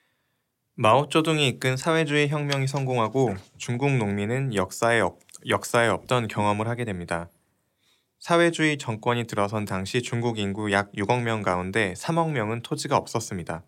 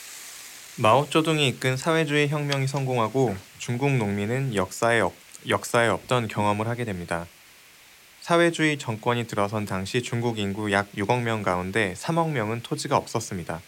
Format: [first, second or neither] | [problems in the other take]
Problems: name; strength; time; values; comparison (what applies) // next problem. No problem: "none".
first | hiss; faint; throughout; 20 dB below the speech